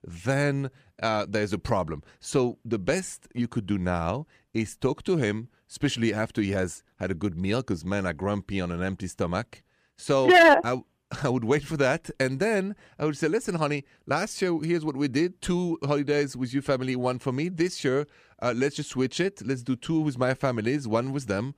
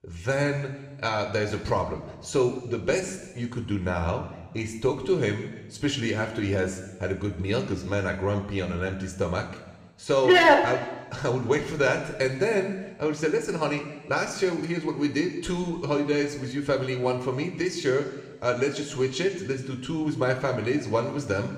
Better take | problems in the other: first | room echo; slight; dies away in 1.2 s

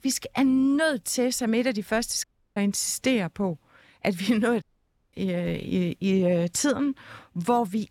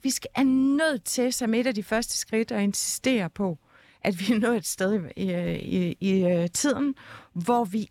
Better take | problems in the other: second | audio cutting out; at 2 s and at 4.5 s for 0.5 s

